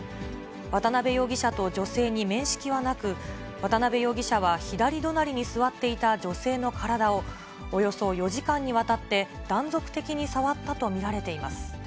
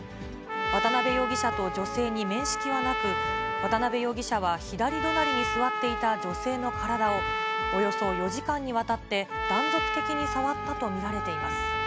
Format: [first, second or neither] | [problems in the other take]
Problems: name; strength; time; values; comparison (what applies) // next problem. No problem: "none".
first | background sound (Trumpet); 1 dB below the speech